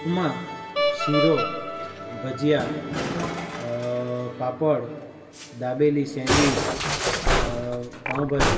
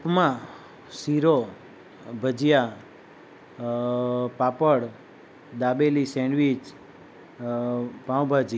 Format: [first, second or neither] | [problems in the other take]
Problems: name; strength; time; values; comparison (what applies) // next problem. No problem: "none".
second | background sound (Musical instrument); 1 dB below the speech // room echo; dies away in 2.7 s